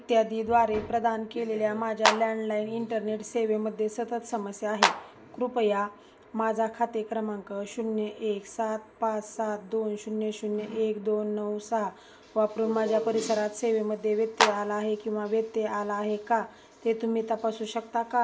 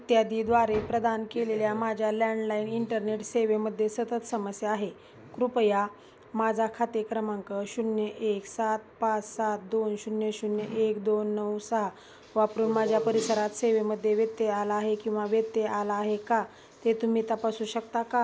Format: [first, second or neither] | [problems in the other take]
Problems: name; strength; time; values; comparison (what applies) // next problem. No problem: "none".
second | background sound (Clapping); 2 dB above the speech // room echo; dies away in 0.5 s